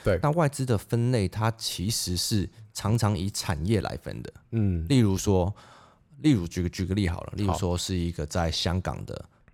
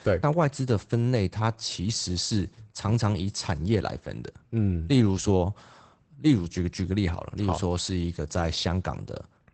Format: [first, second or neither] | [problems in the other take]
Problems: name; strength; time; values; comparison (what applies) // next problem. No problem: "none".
first | garbled, watery; badly; nothing above 8 kHz